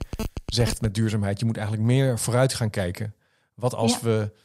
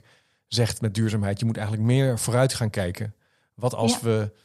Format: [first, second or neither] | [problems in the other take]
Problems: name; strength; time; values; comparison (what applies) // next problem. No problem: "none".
second | phone ringing; noticeable; at the start; peak 9 dB below the speech